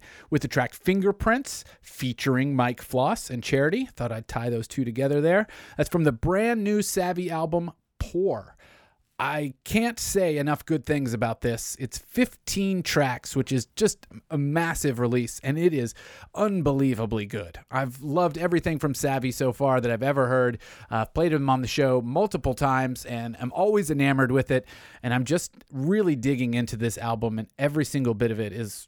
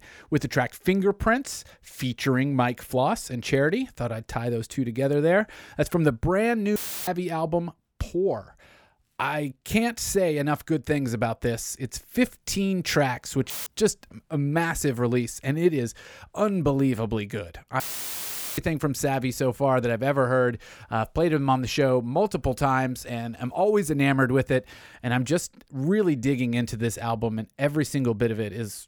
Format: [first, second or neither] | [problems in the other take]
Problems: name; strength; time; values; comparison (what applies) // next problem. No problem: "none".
first | audio cutting out; filled with static; at 7 s, at 14 s and at 18 s for 1 s